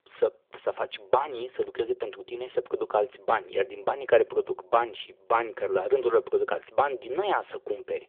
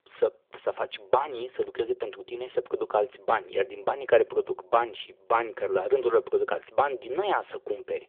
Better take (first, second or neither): neither